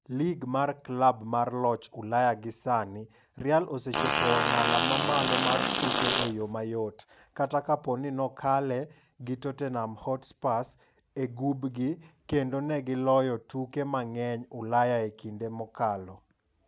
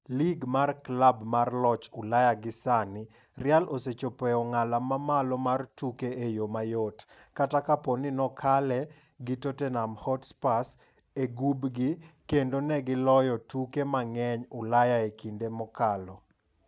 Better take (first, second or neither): second